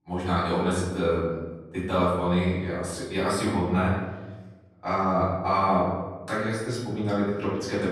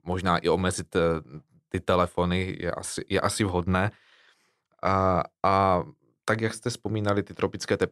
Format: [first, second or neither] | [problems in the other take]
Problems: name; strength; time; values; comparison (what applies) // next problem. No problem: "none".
second | off-mic speech; far // room echo; noticeable; dies away in 1.1 s